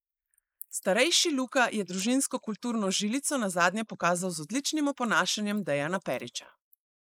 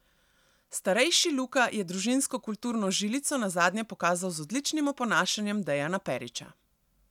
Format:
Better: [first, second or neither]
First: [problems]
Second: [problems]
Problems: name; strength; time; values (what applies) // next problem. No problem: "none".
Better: second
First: noise reduction (neural mask model Resemble Enhance denoiser)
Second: none